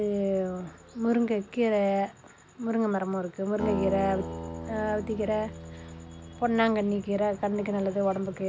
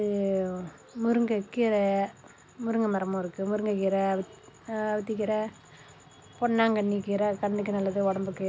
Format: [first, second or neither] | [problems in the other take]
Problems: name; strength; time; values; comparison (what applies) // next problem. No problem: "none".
second | background sound (Acoustic guitar); 12 dB below the speech